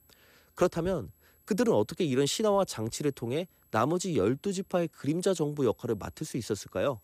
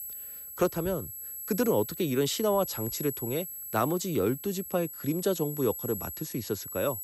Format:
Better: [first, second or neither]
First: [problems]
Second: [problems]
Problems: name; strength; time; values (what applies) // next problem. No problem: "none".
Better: first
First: high-pitched whine; faint; throughout; 11.5 kHz, 35 dB below the speech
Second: high-pitched whine; loud; throughout; 11.5 kHz, 7 dB below the speech